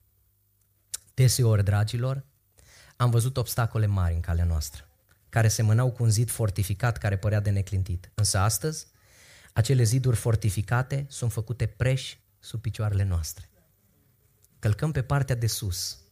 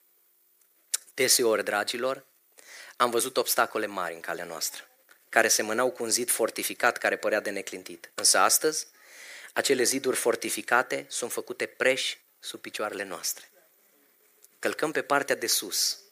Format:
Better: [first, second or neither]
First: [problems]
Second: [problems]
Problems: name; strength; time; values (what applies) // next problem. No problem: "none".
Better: first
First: none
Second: thin; very; fading below 300 Hz